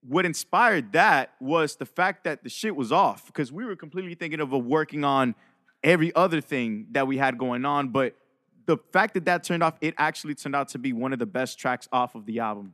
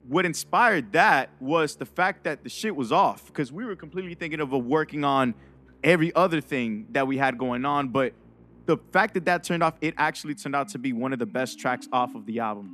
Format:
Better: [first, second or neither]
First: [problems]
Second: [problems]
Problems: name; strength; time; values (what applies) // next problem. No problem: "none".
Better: first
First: none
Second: background music; faint; throughout; 25 dB below the speech